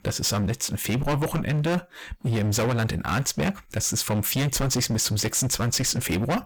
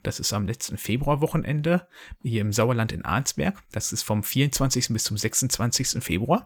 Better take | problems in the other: second | distortion; heavy; 26% of the sound clipped

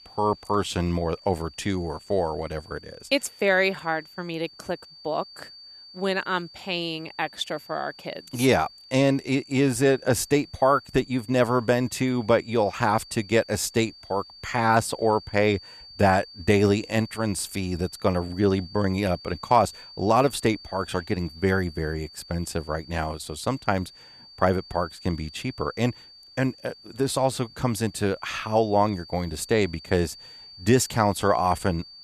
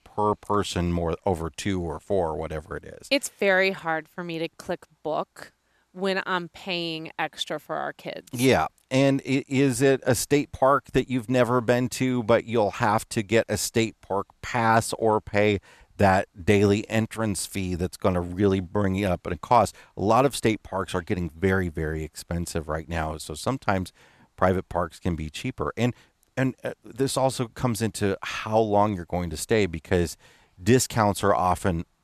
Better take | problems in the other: second | high-pitched whine; noticeable; throughout; 4.5 kHz, 20 dB below the speech

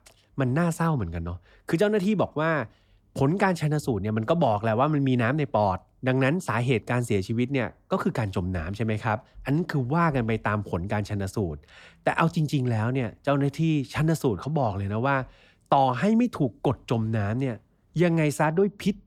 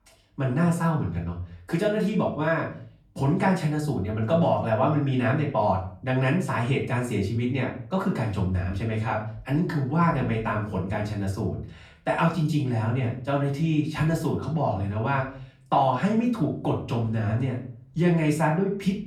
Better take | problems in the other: first | room echo; slight; dies away in 0.4 s // off-mic speech; far

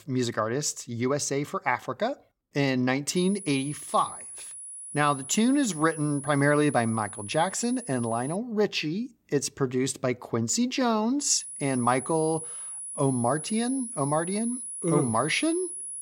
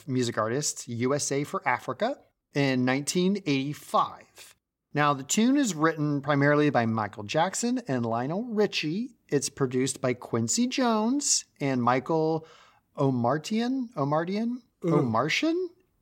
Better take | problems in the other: second | high-pitched whine; loud; from 3 to 8.5 s and from 11 s on; 10.5 kHz, 9 dB below the speech

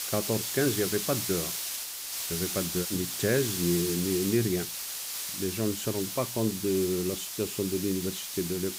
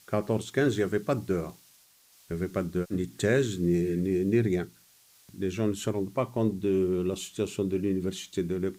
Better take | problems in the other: second | hiss; loud; throughout; 2 dB below the speech; faint in the second

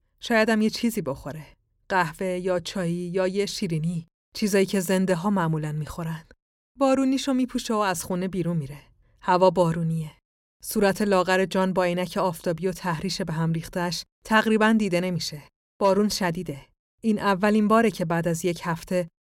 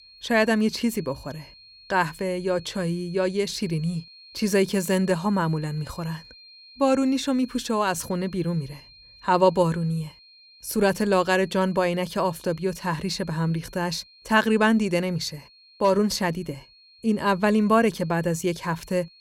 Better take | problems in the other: first | high-pitched whine; faint; throughout; 4 kHz, 25 dB below the speech

